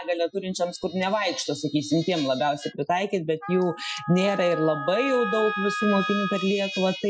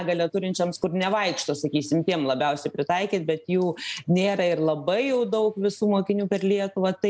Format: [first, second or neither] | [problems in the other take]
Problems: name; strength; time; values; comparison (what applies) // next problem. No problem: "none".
second | noise reduction (classical method Wiener filter)